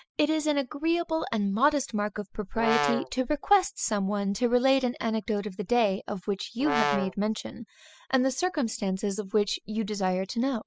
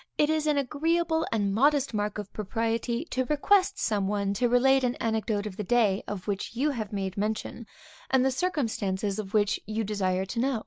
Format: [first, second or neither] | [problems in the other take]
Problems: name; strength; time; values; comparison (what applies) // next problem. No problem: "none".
second | noise reduction (classical method spectral subtraction)